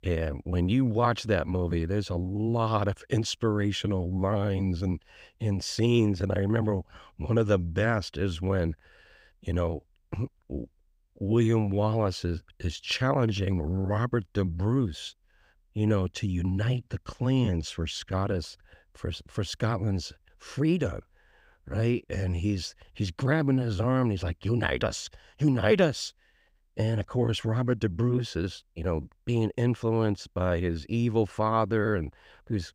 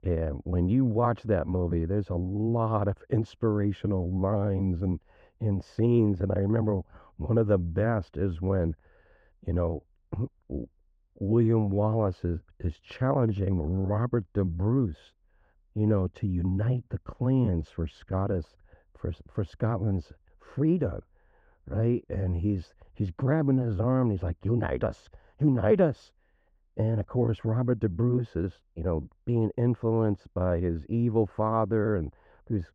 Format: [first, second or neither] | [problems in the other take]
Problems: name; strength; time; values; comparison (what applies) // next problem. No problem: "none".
first | muffled; very; fading above 2 kHz